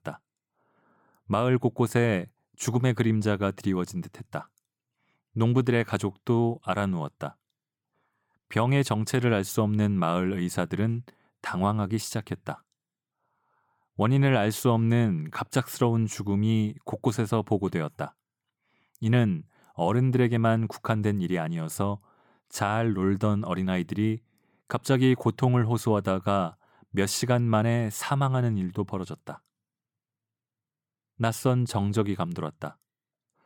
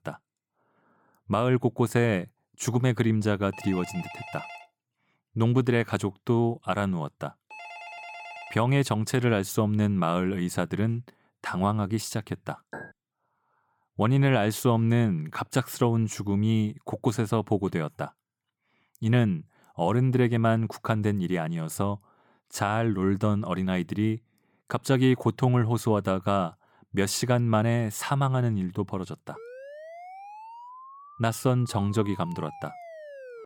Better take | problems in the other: first | phone ringing; faint; from 3.5 to 8.5 s; peak 15 dB below the speech // clattering dishes; faint; at 13 s; peak 15 dB below the speech // siren; faint; from 29 s on; peak 15 dB below the speech

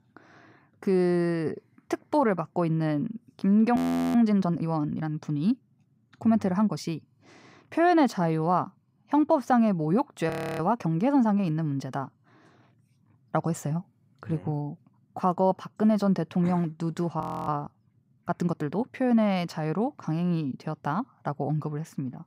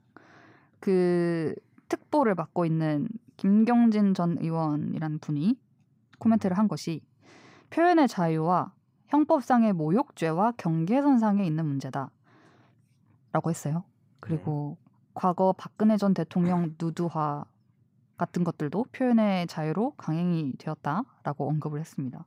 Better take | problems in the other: second | audio freezing; at 4 s, at 10 s and at 17 s

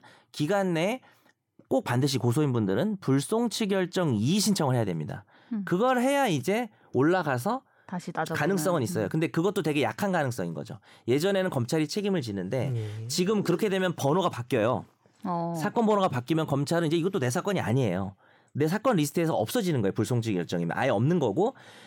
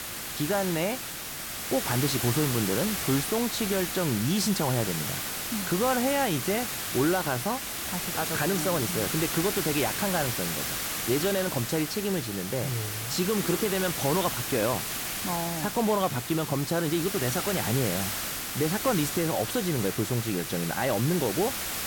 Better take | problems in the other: first | hiss; loud; throughout; 2 dB below the speech

